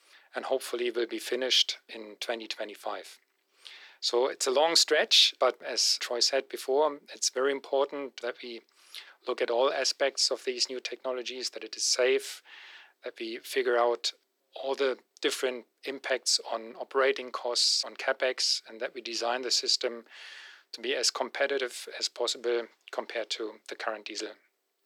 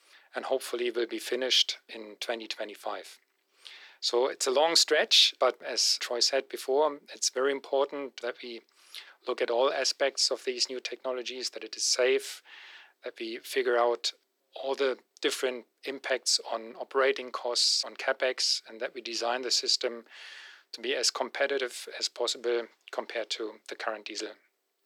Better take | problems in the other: neither | thin; very; fading below 350 Hz; the same in both

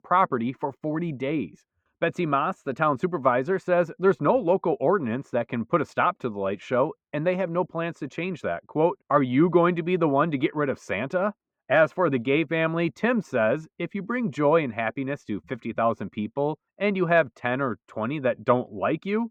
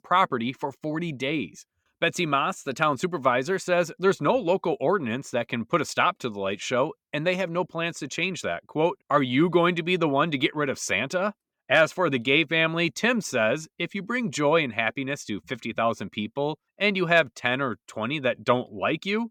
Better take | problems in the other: second | muffled; very; fading above 2.5 kHz

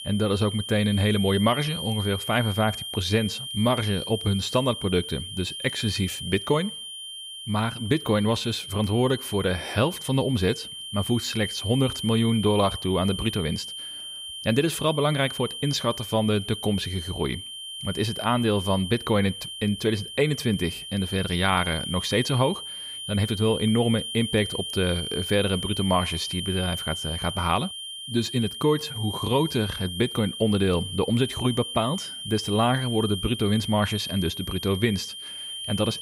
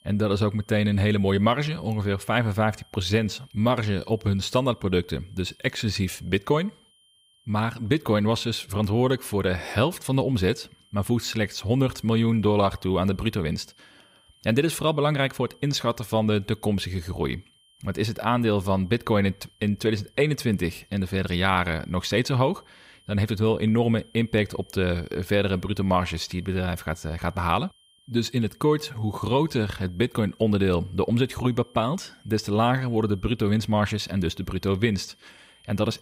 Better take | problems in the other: second | high-pitched whine; loud; throughout; 3 kHz, 7 dB below the speech; faint in the second

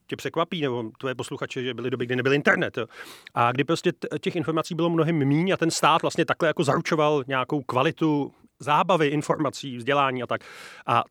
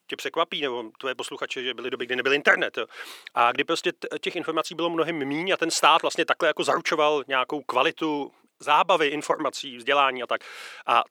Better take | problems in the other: first | thin; somewhat; fading below 400 Hz

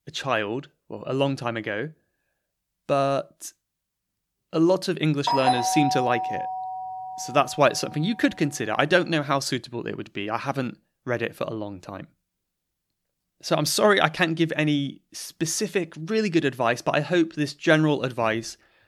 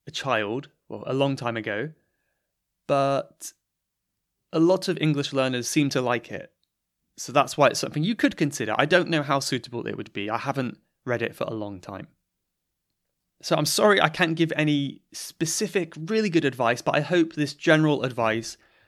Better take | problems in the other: second | doorbell; loud; from 5.5 to 7 s; peak 1 dB above the speech

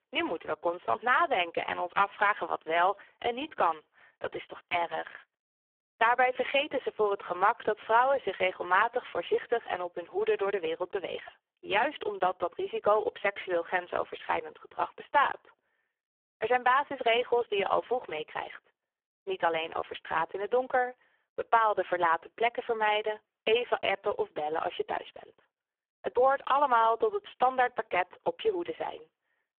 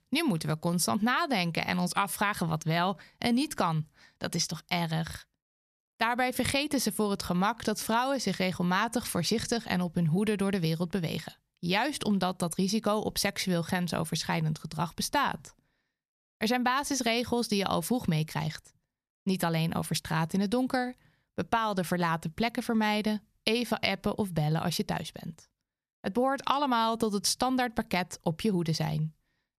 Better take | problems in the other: second | phone-call audio; poor line

